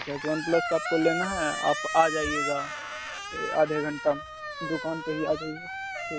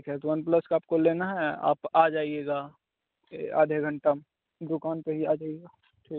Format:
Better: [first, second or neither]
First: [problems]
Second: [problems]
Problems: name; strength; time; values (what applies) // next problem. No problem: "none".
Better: second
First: background sound (Squeak); 5 dB below the speech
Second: none